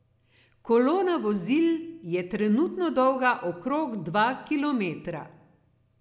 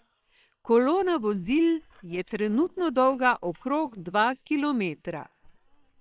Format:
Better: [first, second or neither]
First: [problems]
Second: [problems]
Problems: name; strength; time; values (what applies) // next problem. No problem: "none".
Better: first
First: none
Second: noise reduction (neural separator model SepFormer WHAM!)